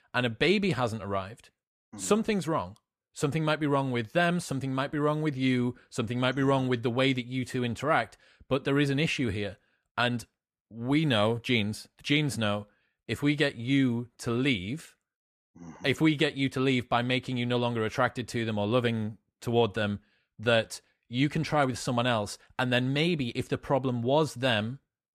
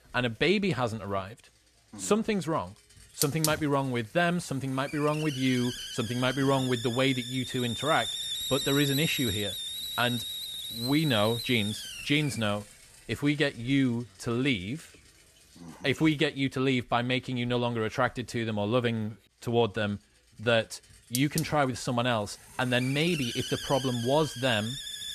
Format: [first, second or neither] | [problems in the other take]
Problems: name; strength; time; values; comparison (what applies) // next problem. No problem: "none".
first | hiss; loud; throughout; 6 dB below the speech